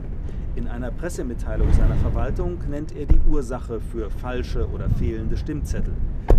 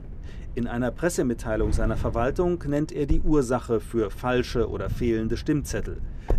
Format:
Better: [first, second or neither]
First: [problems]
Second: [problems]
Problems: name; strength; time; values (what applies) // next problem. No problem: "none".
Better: second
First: wind noise on the microphone; heavy; 7 dB below the speech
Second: wind noise on the microphone; occasional gusts; 20 dB below the speech